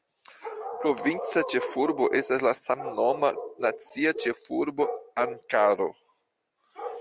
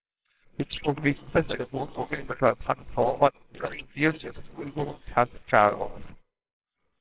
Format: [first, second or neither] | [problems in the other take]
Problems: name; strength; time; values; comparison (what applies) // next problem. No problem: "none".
first | noise reduction (neural separator model SepFormer WHAMR!)